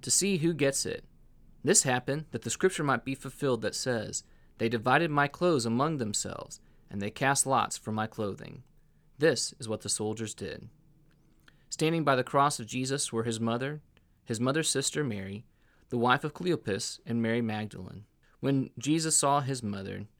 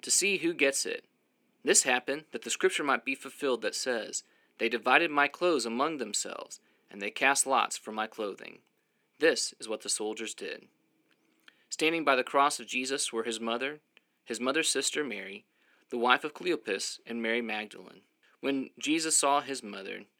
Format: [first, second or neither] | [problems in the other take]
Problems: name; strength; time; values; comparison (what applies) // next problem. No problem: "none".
first | thin; very slightly; fading below 250 Hz